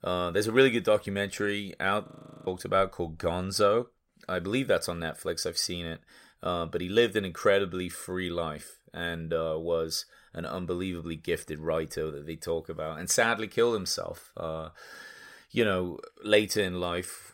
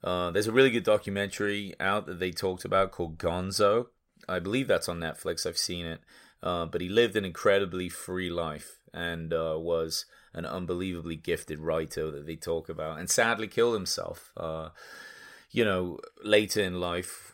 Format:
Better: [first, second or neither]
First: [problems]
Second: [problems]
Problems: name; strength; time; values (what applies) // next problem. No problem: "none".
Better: second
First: audio freezing; at 2 s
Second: none